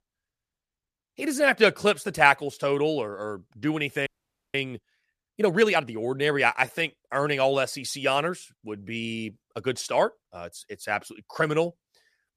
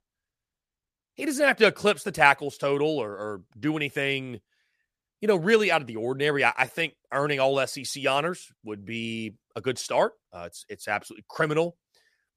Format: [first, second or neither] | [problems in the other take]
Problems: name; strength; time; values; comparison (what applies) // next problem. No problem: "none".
second | audio freezing; at 4 s